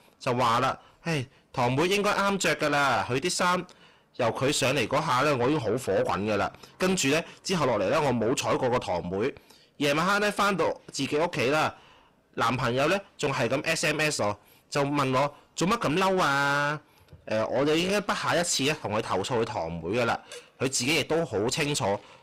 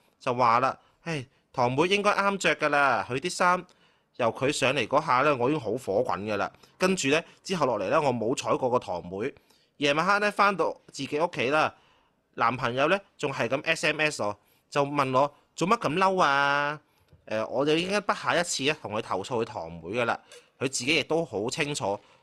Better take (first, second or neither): second